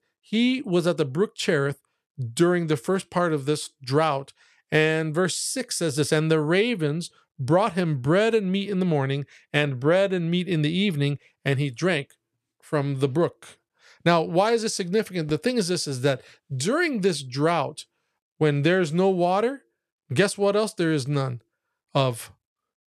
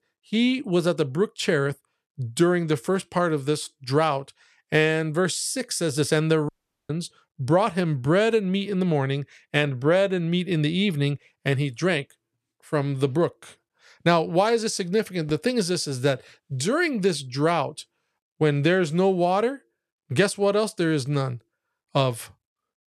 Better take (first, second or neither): first